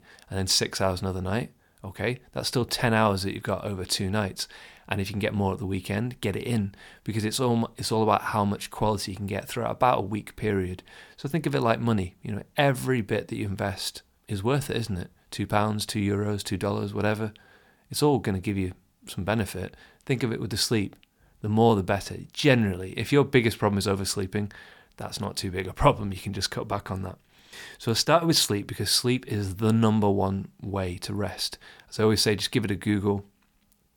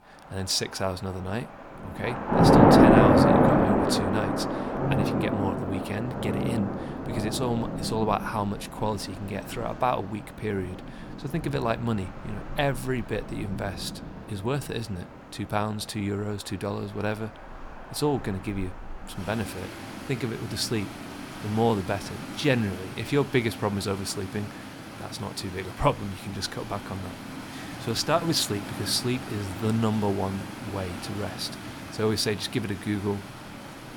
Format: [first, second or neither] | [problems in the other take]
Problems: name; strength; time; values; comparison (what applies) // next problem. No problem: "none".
first | rain or running water; very loud; throughout; 3 dB above the speech